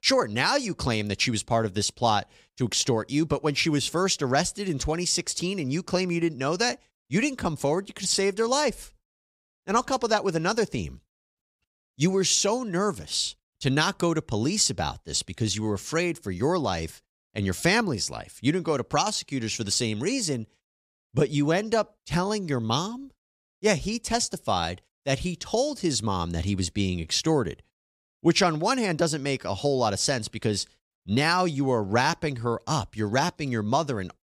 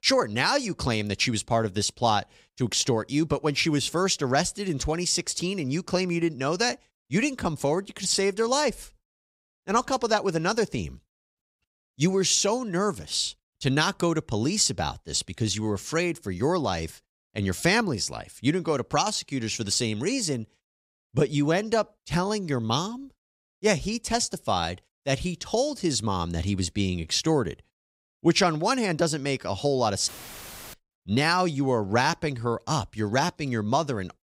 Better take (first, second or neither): first